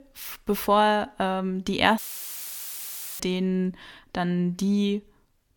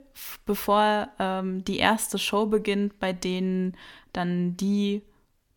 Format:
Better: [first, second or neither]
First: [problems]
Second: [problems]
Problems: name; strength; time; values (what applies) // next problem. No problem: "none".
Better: second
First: audio cutting out; filled with static; at 2 s for 1 s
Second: none